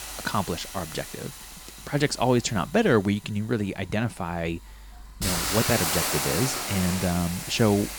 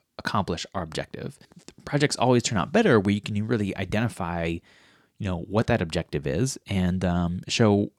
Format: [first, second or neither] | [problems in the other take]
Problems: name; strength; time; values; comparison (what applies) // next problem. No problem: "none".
second | hiss; loud; throughout; 2 dB below the speech